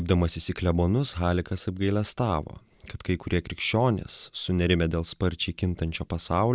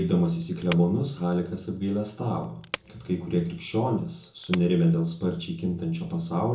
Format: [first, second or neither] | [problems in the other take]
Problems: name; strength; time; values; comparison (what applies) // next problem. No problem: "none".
first | background sound (Wood); 17 dB below the speech // room echo; dies away in 0.6 s